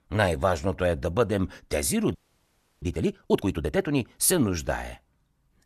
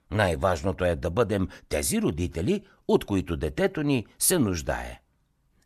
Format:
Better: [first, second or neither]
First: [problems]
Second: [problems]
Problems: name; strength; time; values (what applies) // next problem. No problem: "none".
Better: second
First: audio freezing; at 2 s for 0.5 s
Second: none